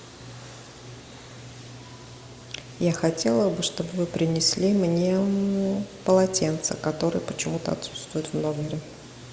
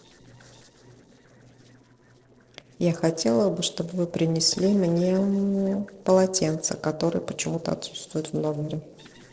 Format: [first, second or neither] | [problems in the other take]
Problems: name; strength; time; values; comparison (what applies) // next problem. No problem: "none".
first | noise reduction (neural separator model SepFormer DNS4)